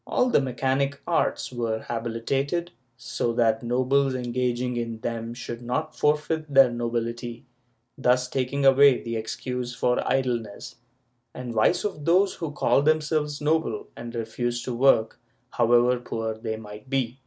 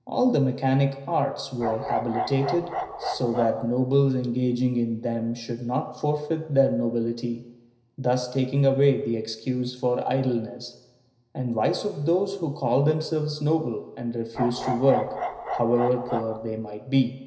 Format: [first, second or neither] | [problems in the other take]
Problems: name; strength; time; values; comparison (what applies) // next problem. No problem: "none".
first | background sound (Bark); 6 dB below the speech // room echo; dies away in 0.9 s